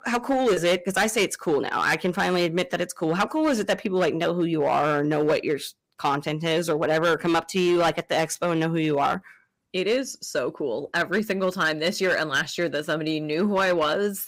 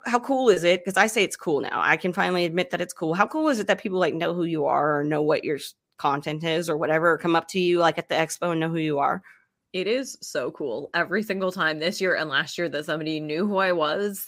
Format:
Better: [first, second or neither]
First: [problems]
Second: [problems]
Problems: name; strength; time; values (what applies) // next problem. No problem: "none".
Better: second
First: distortion; slight; 7% of the sound clipped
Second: none